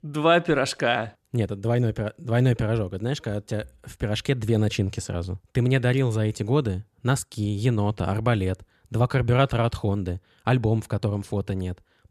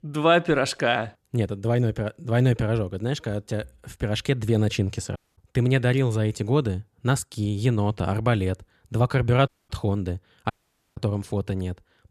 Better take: first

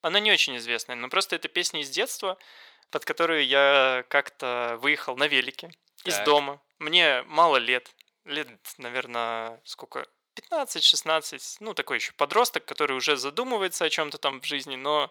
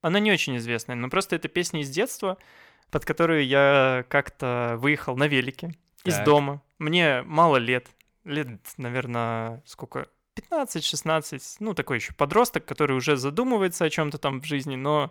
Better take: second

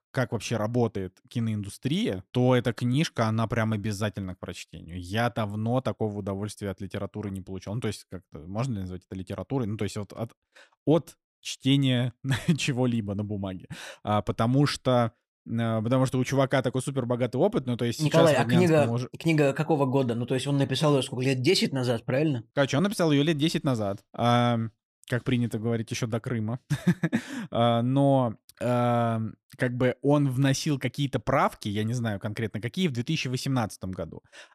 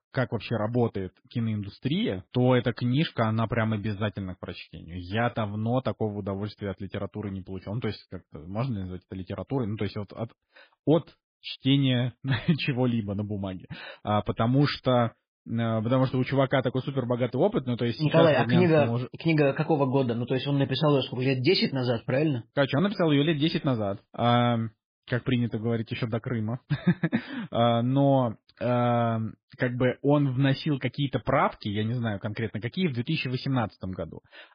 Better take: first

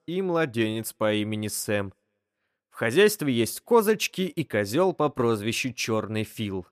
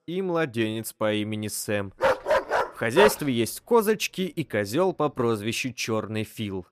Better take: first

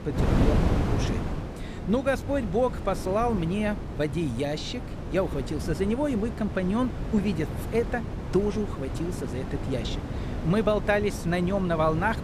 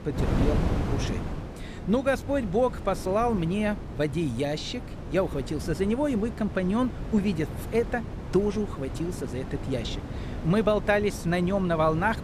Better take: second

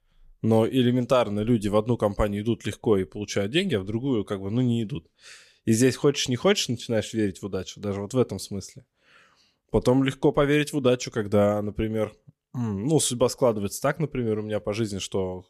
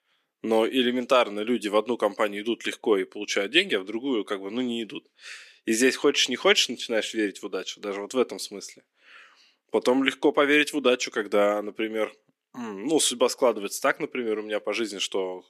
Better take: first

